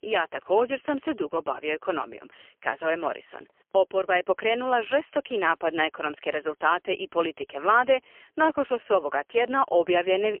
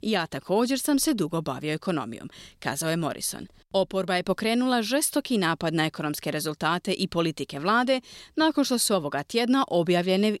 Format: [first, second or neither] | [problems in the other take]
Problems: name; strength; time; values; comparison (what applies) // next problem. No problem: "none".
second | phone-call audio; poor line; nothing above 3 kHz